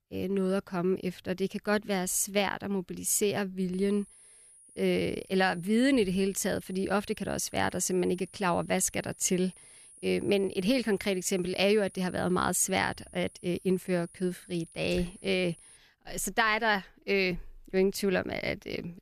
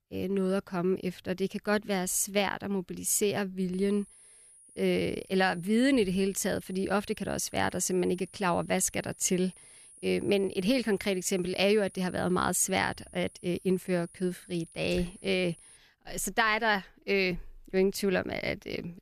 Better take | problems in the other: neither | high-pitched whine; faint; from 3.5 to 16 s; 10.5 kHz, 25 dB below the speech; the same in both

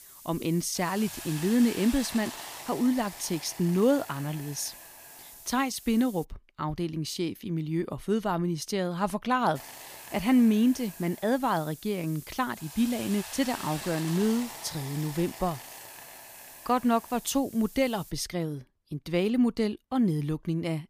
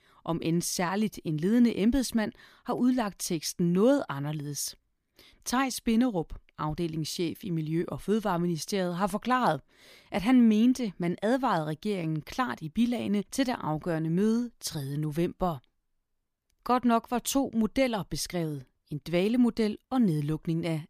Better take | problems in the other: second | hiss; noticeable; until 6 s and from 9.5 to 18 s; 15 dB below the speech

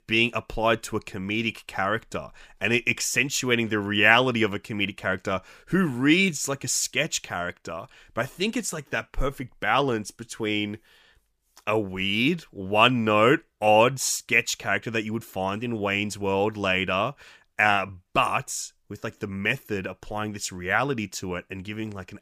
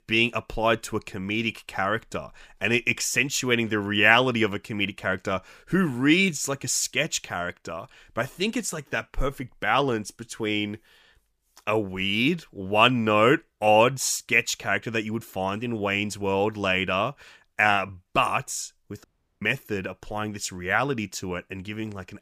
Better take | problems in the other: first | audio cutting out; at 19 s

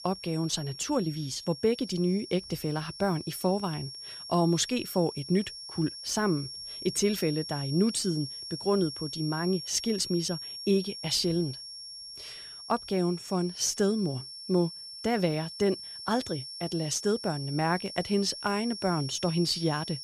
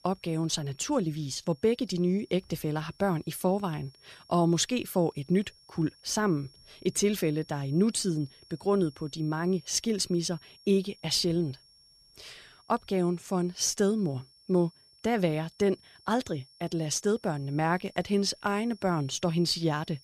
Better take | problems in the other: second | high-pitched whine; loud; throughout; 5.5 kHz, 9 dB below the speech; faint in the second

